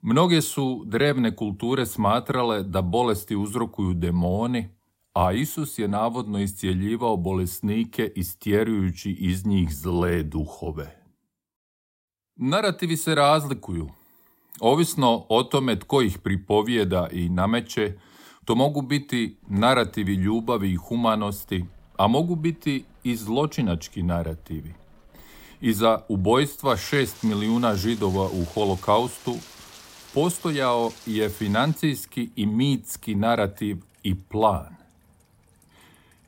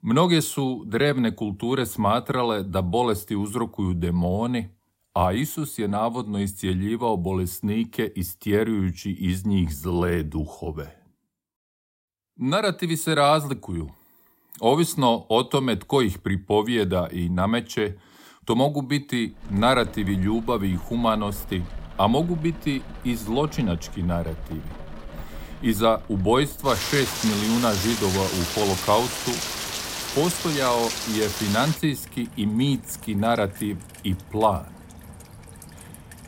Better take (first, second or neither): first